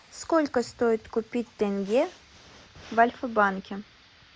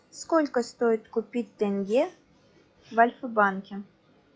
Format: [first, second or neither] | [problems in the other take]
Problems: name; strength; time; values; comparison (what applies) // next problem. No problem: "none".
first | noise reduction (classical method log-MMSE)